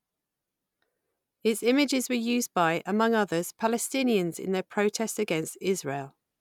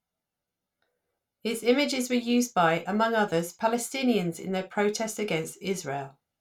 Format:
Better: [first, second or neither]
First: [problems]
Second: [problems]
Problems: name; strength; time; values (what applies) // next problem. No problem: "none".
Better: first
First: none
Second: room echo; dies away in 0.2 s